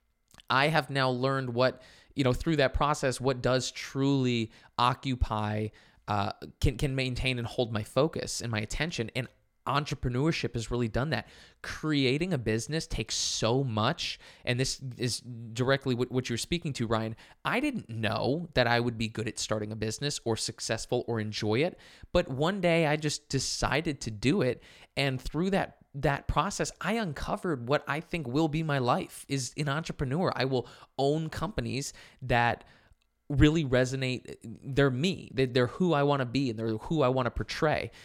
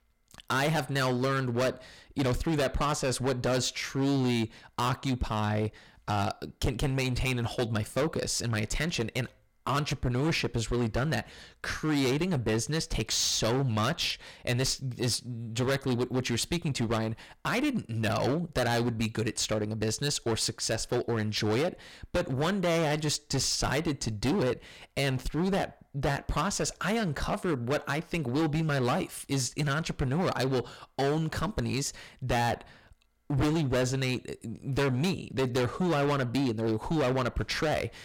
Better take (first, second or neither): first